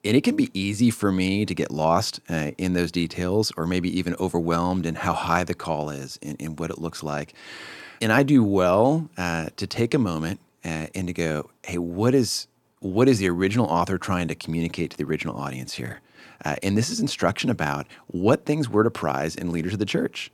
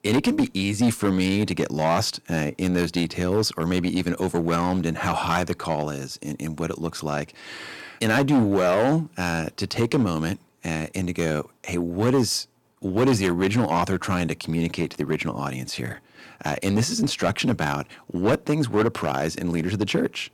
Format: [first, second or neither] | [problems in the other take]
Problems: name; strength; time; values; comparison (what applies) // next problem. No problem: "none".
first | distortion; slight; 6% of the sound clipped